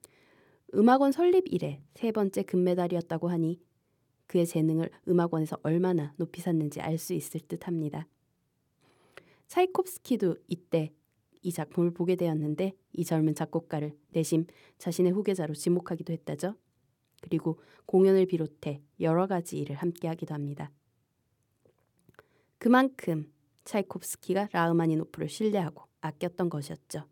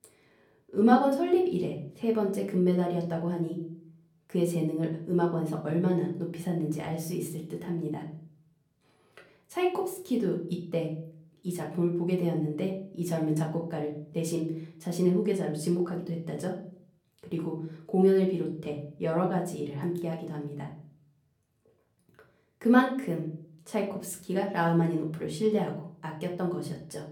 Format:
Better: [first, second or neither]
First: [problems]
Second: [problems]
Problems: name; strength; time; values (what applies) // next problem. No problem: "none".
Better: first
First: none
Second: room echo; slight; dies away in 0.5 s // off-mic speech; somewhat distant